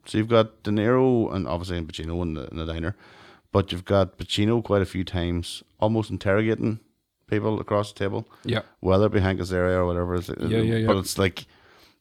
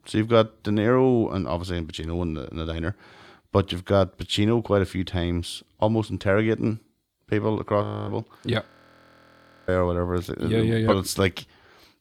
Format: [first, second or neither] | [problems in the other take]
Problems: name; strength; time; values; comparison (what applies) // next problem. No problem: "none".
first | audio freezing; at 8 s and at 8.5 s for 1 s